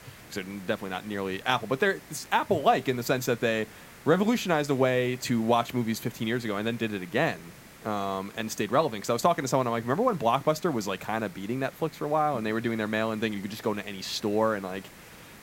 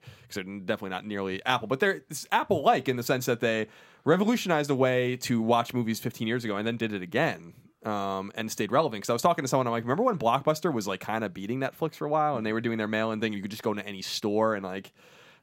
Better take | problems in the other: second | hiss; faint; throughout; 20 dB below the speech

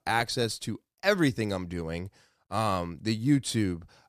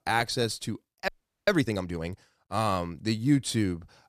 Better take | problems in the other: first | audio freezing; at 1 s

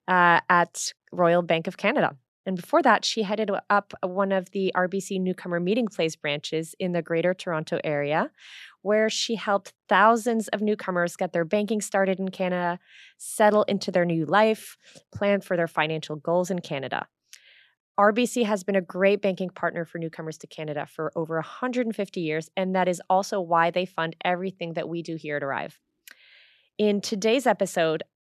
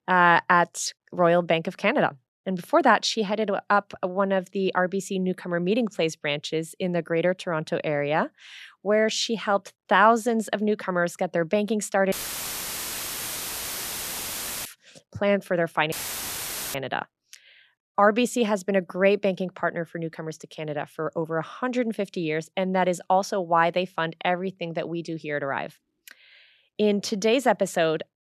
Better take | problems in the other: first | audio cutting out; filled with static; at 12 s for 2.5 s and at 16 s for 1 s

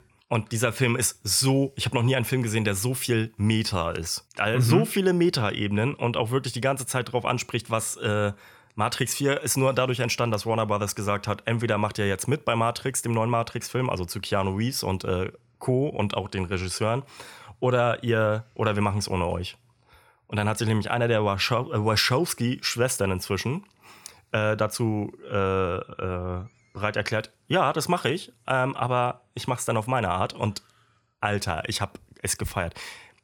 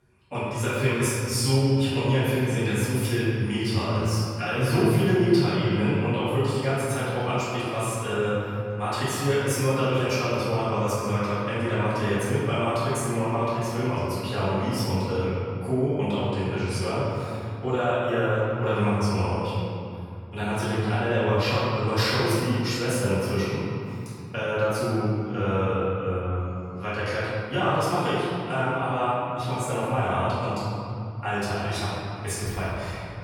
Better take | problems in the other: first | room echo; strong; dies away in 2.6 s // off-mic speech; far

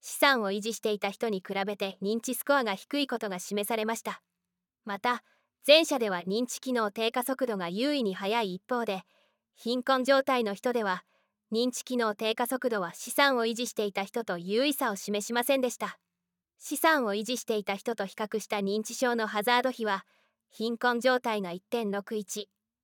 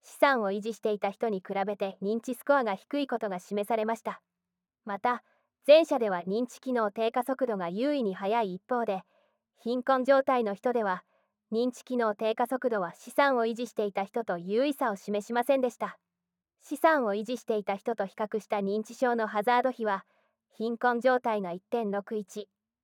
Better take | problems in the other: first | muffled; slightly; fading above 2.5 kHz

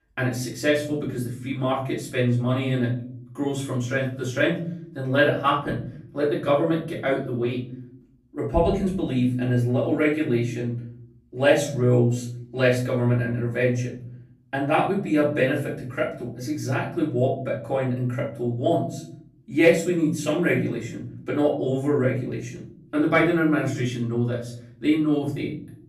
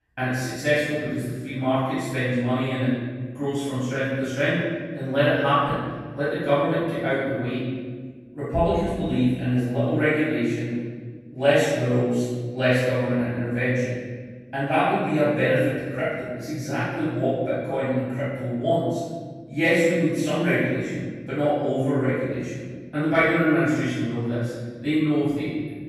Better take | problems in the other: first | room echo; strong; dies away in 1.6 s; slight in the first // off-mic speech; far; far in the first

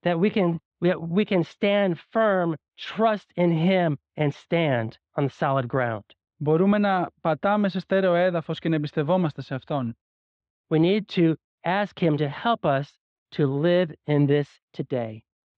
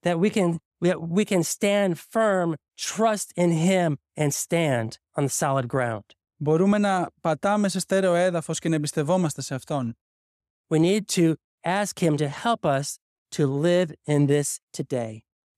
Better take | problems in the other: second | muffled; very; fading above 3.5 kHz

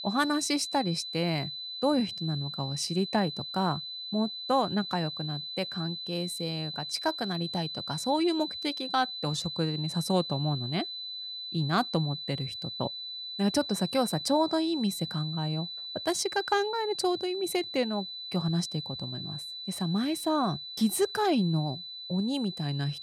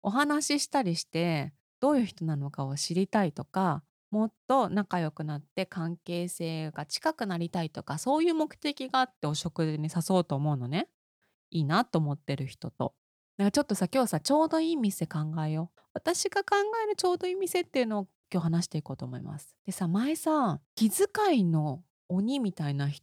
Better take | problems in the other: second | high-pitched whine; loud; throughout; 4 kHz, 6 dB below the speech

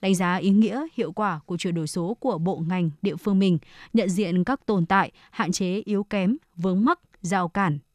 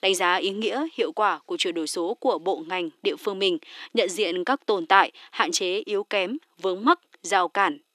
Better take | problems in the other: first | thin; very; fading below 300 Hz

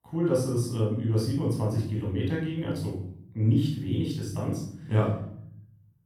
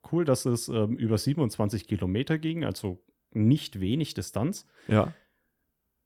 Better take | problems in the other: second | off-mic speech; far // room echo; noticeable; dies away in 0.7 s

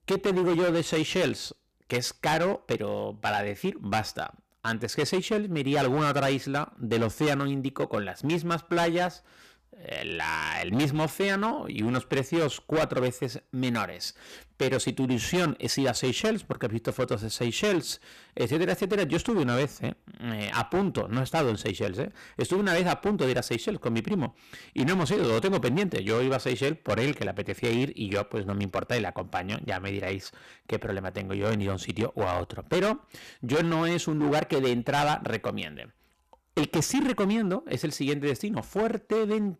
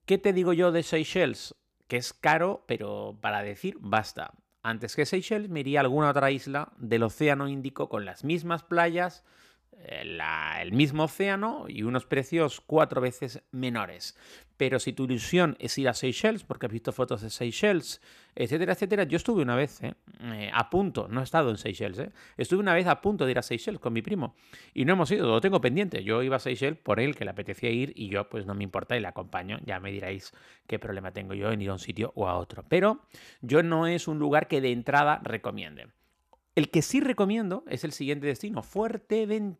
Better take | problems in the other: second | distortion; heavy; 13% of the sound clipped

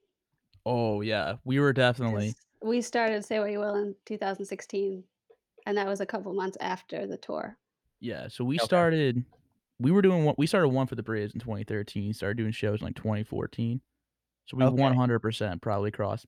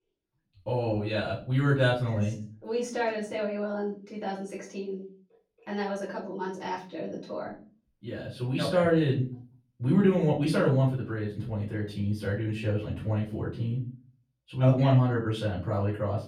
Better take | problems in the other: first | off-mic speech; far // room echo; slight; dies away in 0.4 s

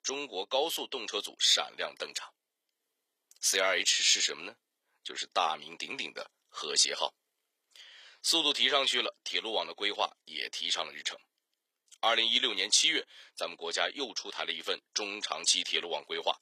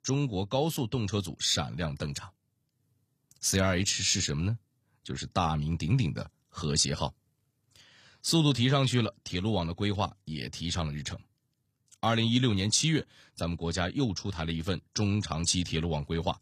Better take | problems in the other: second | thin; very; fading below 400 Hz

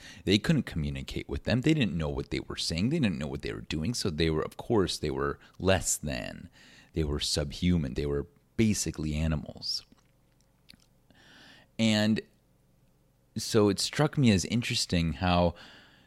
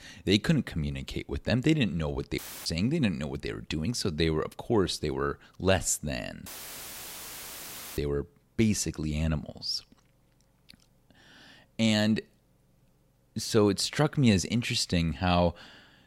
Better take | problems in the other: first | audio cutting out; filled with static; at 2.5 s and at 6.5 s for 1.5 s

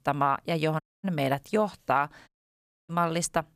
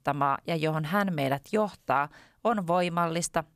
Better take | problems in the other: second | audio cutting out; at 1 s and at 2.5 s for 0.5 s

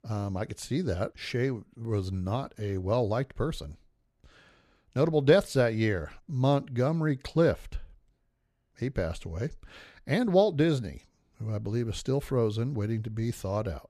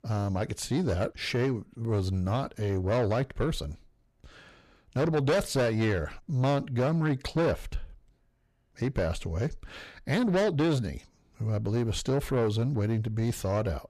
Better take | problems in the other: first | distortion; heavy; 7 dB below the speech

